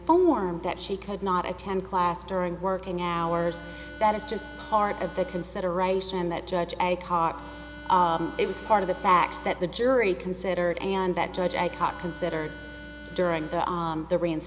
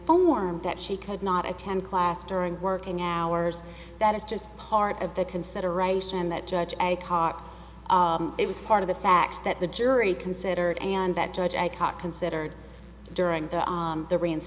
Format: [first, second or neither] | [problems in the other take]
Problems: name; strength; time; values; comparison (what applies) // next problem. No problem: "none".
second | background sound (Harmonica); 17 dB below the speech